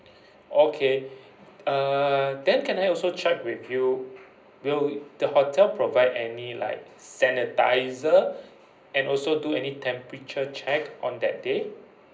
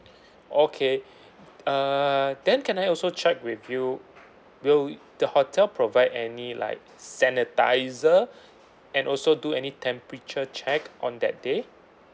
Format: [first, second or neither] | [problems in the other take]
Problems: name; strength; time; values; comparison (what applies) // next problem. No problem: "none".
second | room echo; dies away in 0.5 s